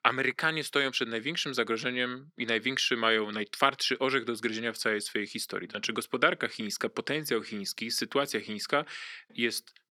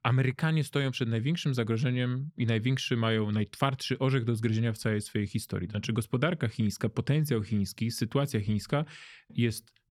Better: second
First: thin; very; fading below 300 Hz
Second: none

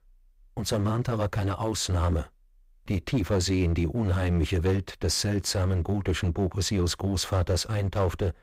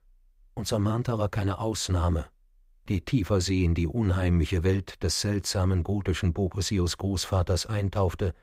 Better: second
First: distortion; slight; 9% of the sound clipped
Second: none

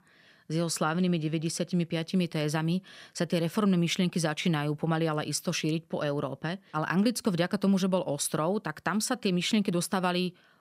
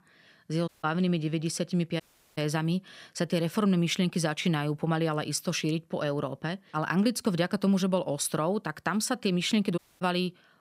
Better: first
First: none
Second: audio cutting out; at 0.5 s, at 2 s and at 10 s

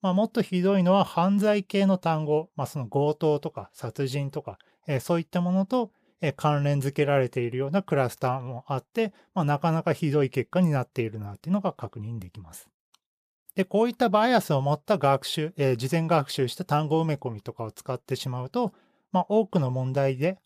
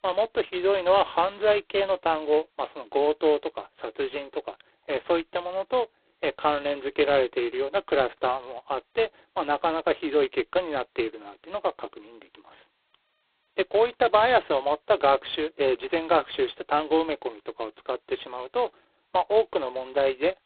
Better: first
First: none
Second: phone-call audio; poor line; nothing above 4 kHz

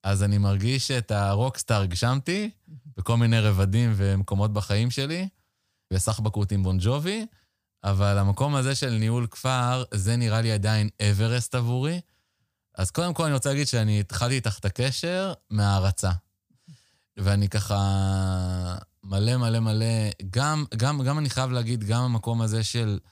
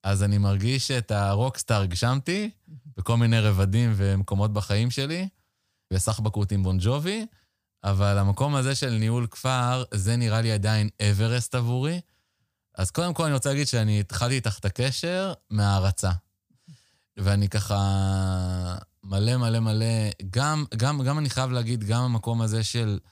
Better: neither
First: none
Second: none

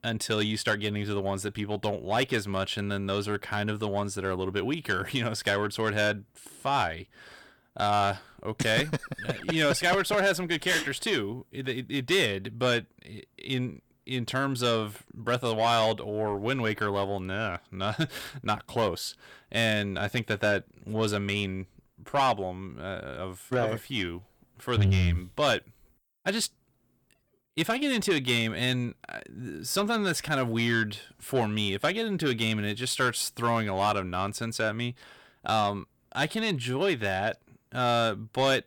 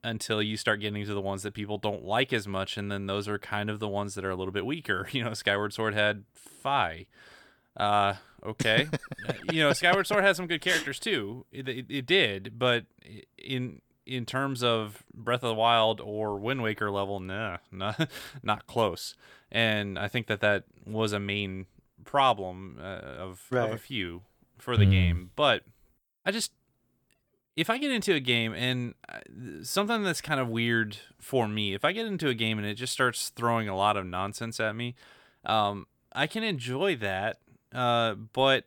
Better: second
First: distortion; slight; 10 dB below the speech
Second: none

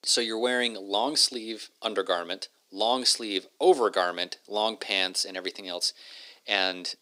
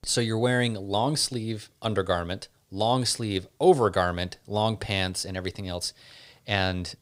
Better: second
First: thin; somewhat; fading below 250 Hz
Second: none

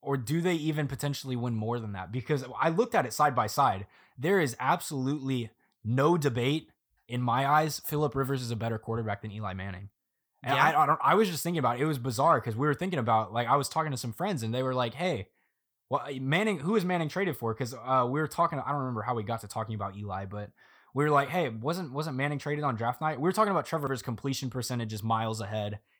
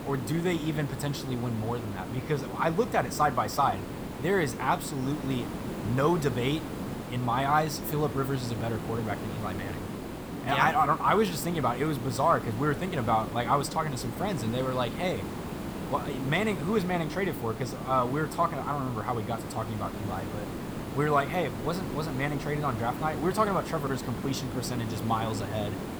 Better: first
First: none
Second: hiss; loud; throughout; 7 dB below the speech

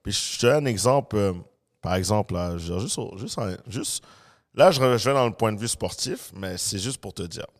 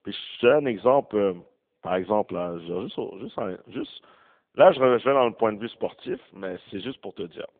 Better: first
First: none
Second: phone-call audio; poor line

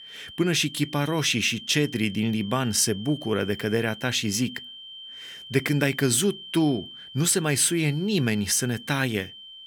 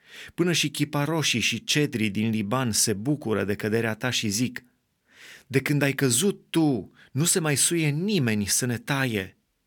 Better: second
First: high-pitched whine; noticeable; throughout; 3 kHz, 15 dB below the speech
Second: none

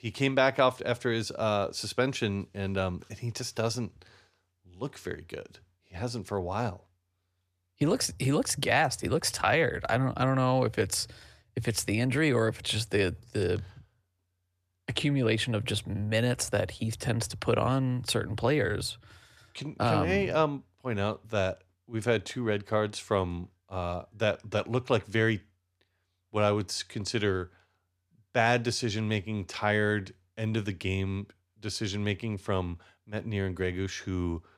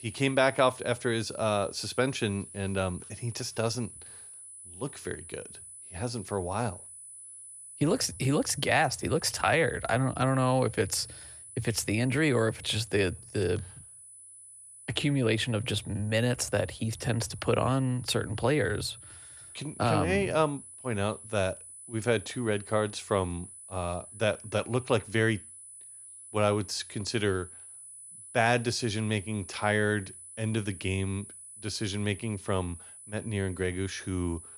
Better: first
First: none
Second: high-pitched whine; noticeable; throughout; 10 kHz, 15 dB below the speech

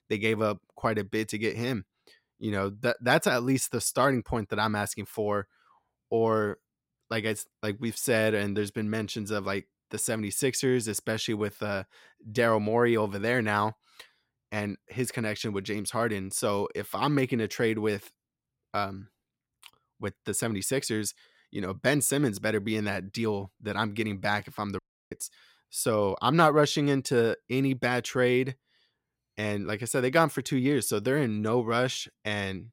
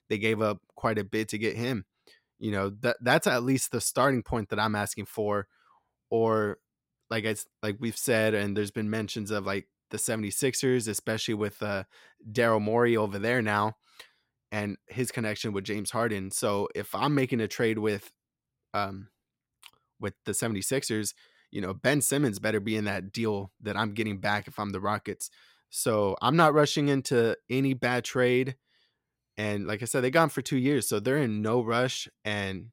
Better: second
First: audio cutting out; at 25 s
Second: none

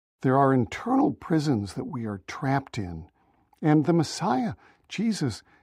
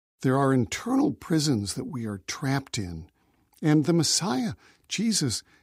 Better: second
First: muffled; very; fading above 3.5 kHz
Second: none

